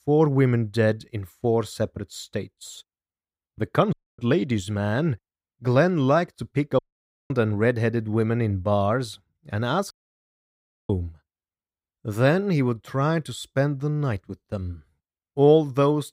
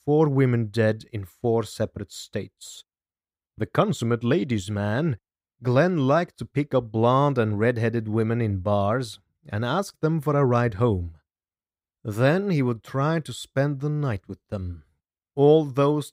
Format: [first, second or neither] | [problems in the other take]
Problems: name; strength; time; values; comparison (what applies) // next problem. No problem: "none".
second | audio cutting out; at 4 s, at 7 s for 0.5 s and at 10 s for 1 s